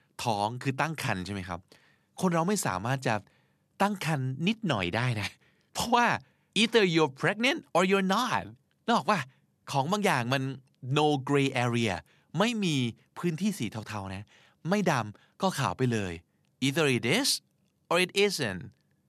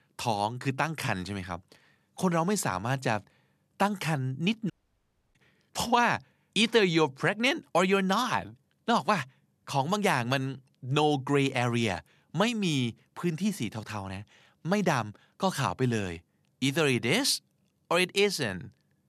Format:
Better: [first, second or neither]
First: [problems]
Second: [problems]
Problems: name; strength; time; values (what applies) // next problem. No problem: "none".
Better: first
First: none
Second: audio cutting out; at 4.5 s for 0.5 s